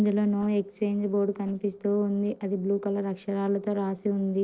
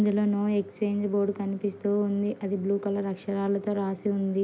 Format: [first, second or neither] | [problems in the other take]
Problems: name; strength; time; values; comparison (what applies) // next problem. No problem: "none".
second | noise reduction (neural separator model SepFormer DNS4)